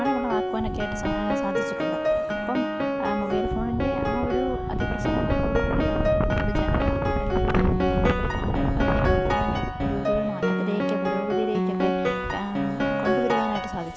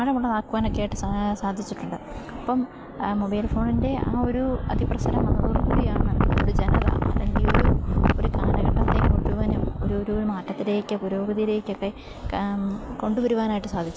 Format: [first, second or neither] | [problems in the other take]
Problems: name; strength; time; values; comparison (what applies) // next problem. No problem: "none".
second | background sound (Piano); 1 dB above the speech